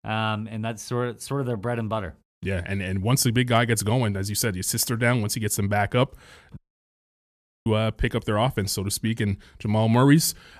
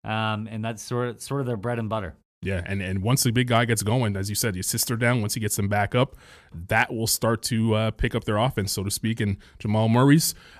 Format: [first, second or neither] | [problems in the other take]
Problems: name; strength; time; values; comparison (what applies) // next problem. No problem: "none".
second | audio cutting out; at 6.5 s for 1 s